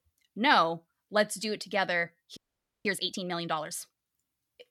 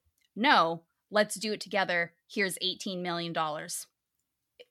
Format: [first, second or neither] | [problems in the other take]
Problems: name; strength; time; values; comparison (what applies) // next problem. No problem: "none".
second | audio freezing; at 2.5 s